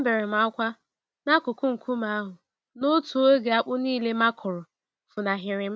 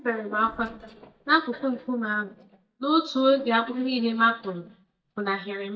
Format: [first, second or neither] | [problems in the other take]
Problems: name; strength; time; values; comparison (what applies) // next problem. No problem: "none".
first | noise reduction (neural mask model DeepFilterNet 3)